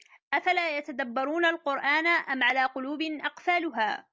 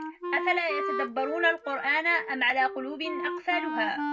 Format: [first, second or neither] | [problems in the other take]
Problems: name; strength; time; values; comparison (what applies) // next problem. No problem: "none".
first | background sound (Wind instrument, woodwind instrument); 5 dB below the speech // room echo; dies away in 0.3 s